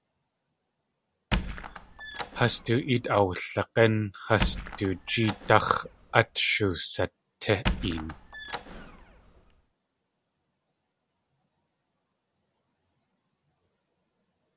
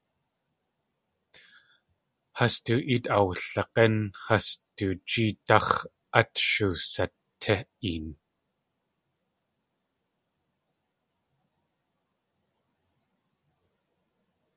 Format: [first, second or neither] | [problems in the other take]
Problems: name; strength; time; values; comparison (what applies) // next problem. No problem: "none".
second | background sound (Squeak); 5 dB below the speech